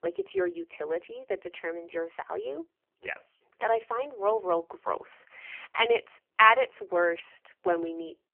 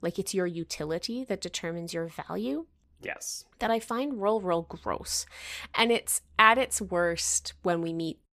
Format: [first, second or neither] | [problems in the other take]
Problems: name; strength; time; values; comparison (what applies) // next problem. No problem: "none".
second | phone-call audio; poor line; nothing above 3 kHz